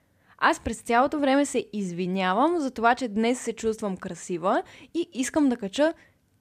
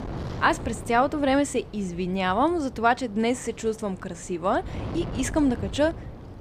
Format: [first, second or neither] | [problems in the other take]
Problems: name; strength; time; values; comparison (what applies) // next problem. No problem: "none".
first | wind noise on the microphone; occasional gusts; 20 dB below the speech